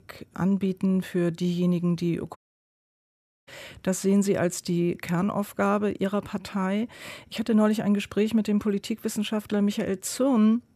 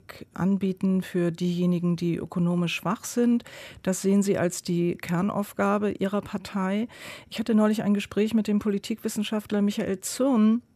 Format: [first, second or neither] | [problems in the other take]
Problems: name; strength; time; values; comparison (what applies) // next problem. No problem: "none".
second | audio cutting out; at 2.5 s for 1 s